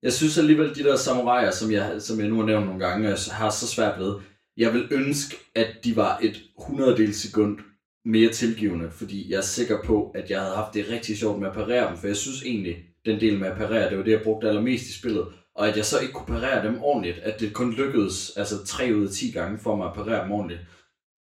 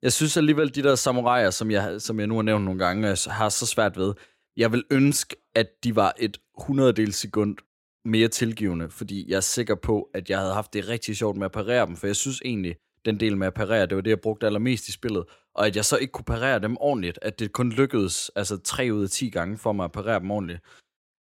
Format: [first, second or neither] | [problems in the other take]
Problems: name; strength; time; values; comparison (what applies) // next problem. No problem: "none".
second | room echo; slight; dies away in 0.3 s // off-mic speech; far